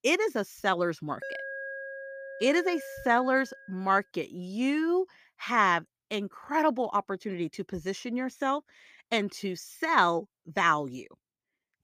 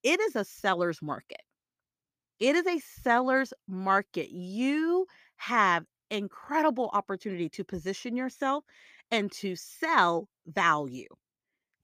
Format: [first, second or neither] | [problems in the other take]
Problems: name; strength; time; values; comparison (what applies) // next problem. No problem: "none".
second | alarm; noticeable; from 1 to 4 s; peak 8 dB below the speech